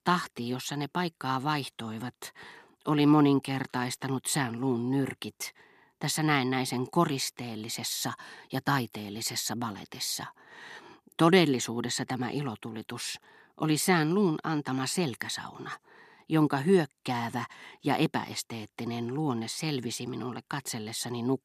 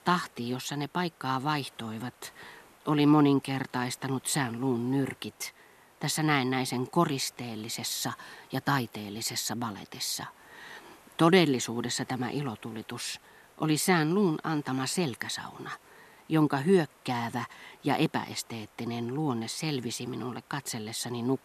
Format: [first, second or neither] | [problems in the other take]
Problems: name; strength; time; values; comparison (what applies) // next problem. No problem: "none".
first | hiss; faint; throughout; 30 dB below the speech